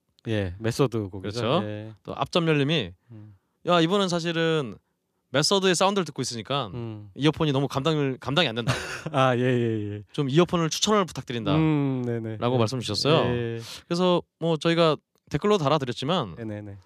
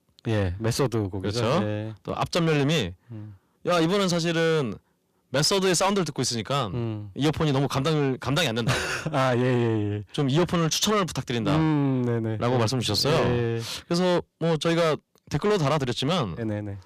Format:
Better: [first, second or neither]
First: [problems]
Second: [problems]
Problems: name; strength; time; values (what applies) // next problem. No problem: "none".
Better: first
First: none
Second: distortion; heavy; 7 dB below the speech